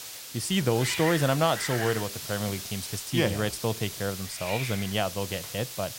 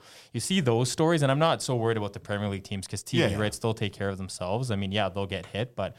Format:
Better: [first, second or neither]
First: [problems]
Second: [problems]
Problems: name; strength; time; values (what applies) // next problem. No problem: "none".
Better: second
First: hiss; loud; throughout; 6 dB below the speech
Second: none